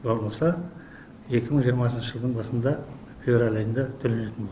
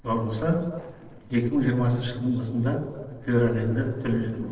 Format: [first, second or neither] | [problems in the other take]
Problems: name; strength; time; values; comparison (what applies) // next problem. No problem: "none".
first | noise reduction (neural separator model SepFormer DNS4)